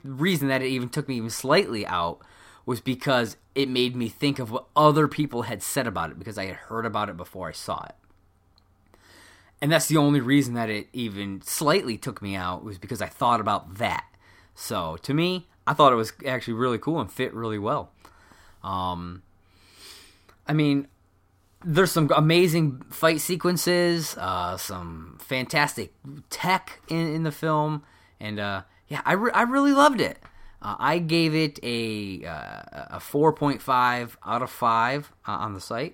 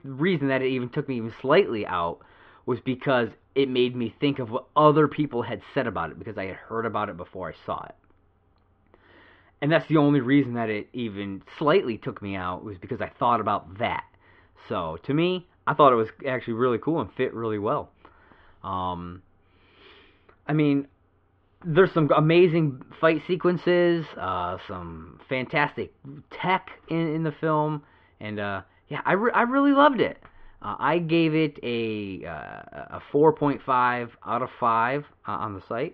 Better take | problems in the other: first | muffled; very; fading above 3 kHz

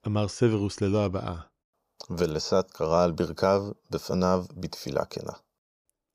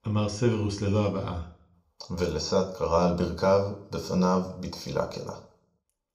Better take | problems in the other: first | room echo; very slight; dies away in 0.4 s

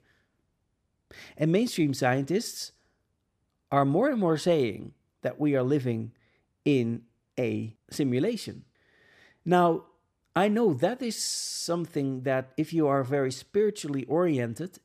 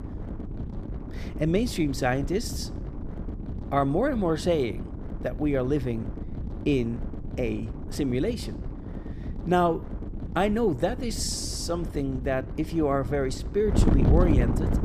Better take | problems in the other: first | wind noise on the microphone; occasional gusts; 10 dB below the speech

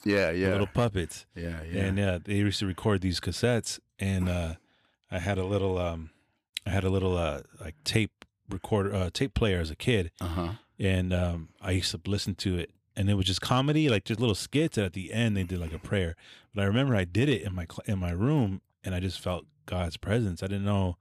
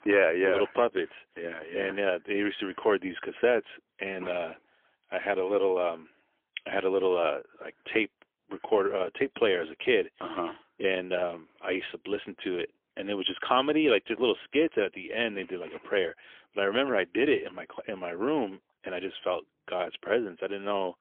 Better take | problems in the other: first | phone-call audio; poor line; nothing above 3.5 kHz

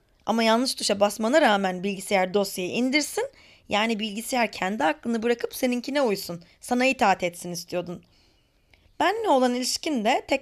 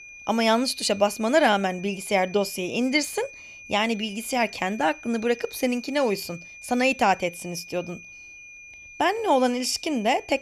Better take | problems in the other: first | high-pitched whine; noticeable; throughout; 2.5 kHz, 15 dB below the speech

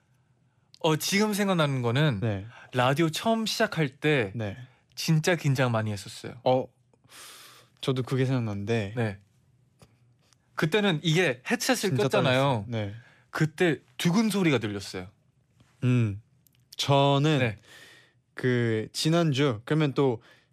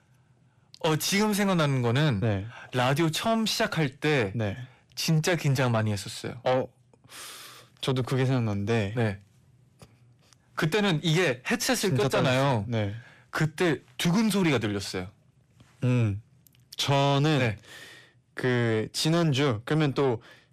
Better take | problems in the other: first | distortion; slight; 10 dB below the speech

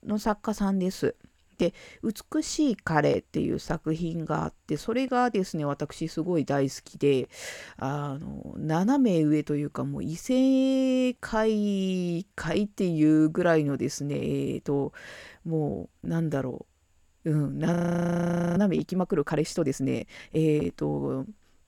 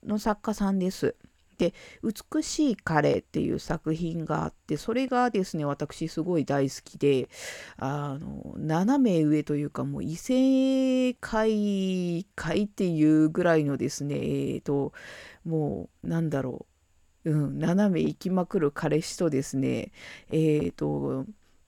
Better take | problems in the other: second | audio freezing; at 18 s for 1 s

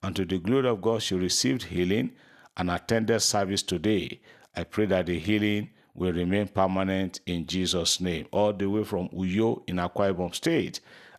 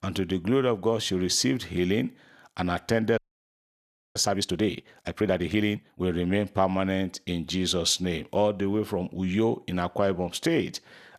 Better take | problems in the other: first | audio freezing; at 3 s for 1 s

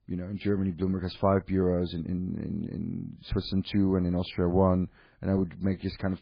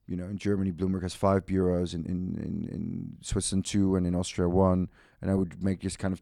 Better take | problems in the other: second | garbled, watery; badly; nothing above 4.5 kHz

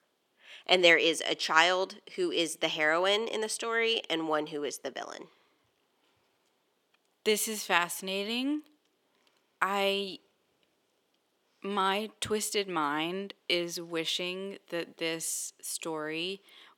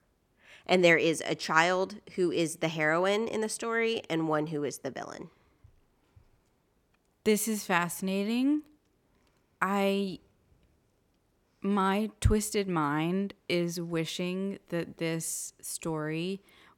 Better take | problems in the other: second | thin; somewhat; fading below 350 Hz

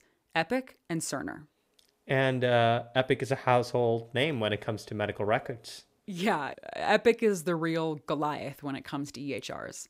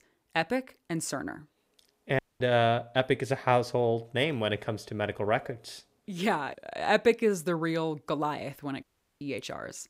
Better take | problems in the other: first | audio cutting out; at 2 s and at 9 s

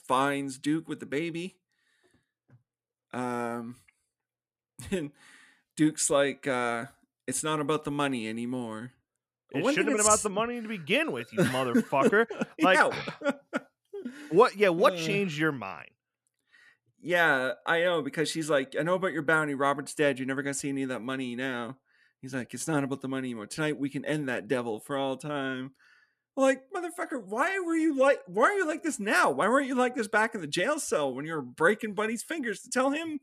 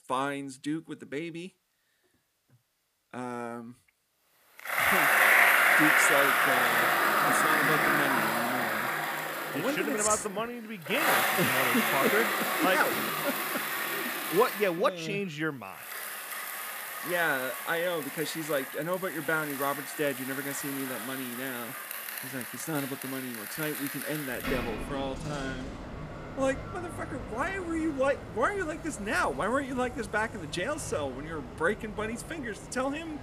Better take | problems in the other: first | traffic noise; very loud; throughout; 4 dB above the speech

